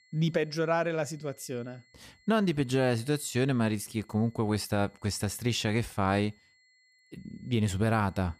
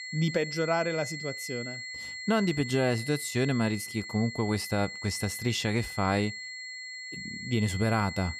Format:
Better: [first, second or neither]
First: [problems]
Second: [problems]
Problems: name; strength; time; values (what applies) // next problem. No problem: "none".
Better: first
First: high-pitched whine; faint; throughout; 2 kHz, 35 dB below the speech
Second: high-pitched whine; loud; throughout; 2 kHz, 8 dB below the speech